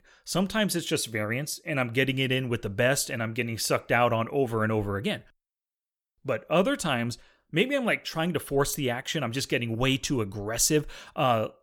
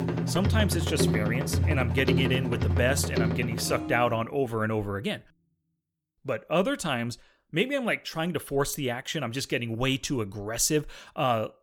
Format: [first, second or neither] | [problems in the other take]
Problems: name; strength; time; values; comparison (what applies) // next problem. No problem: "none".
first | background music; very loud; until 3.5 s; as loud as the speech